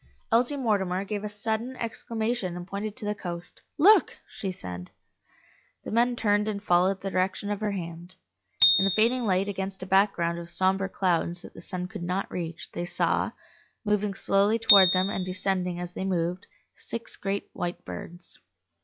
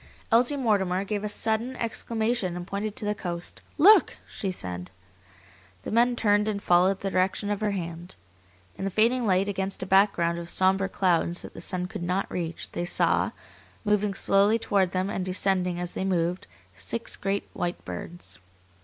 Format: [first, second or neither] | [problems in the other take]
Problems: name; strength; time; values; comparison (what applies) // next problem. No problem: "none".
second | noise reduction (classical method log-MMSE)